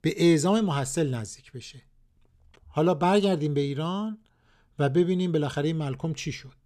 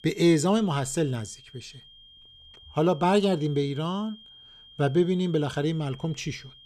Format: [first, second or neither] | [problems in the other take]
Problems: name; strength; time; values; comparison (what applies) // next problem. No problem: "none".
first | high-pitched whine; faint; throughout; 3 kHz, 25 dB below the speech